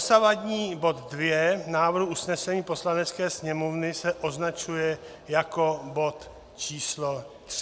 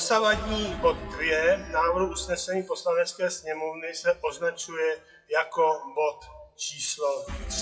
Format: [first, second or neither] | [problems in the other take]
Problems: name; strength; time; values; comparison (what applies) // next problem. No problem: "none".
first | noise reduction (classical method WPE with log-MMSE)